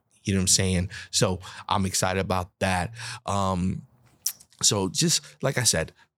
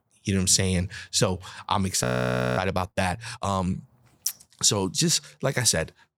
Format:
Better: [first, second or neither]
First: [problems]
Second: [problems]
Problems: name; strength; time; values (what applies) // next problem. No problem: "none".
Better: first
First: none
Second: audio freezing; at 2 s for 0.5 s